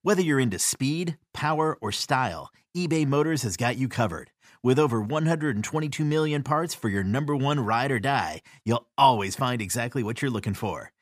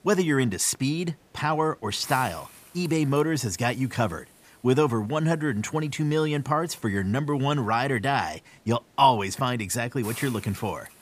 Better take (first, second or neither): first